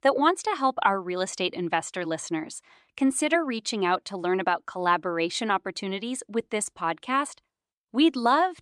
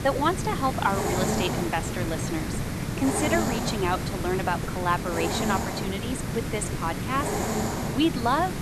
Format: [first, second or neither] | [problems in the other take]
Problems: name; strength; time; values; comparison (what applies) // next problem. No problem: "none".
first | hiss; loud; throughout; 1 dB below the speech